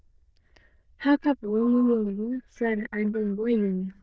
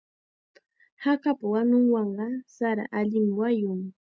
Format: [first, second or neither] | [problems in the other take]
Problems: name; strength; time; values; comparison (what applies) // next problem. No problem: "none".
second | noise reduction (neural diffusion model UNIVERSE++)